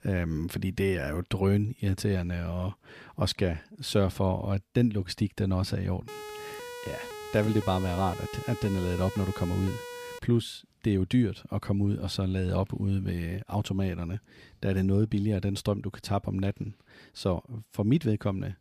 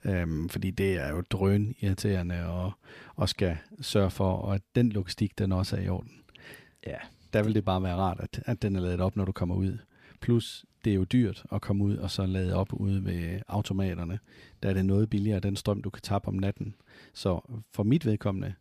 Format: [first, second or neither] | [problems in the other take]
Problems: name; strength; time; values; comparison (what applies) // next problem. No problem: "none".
second | siren; faint; from 6 to 10 s; peak 10 dB below the speech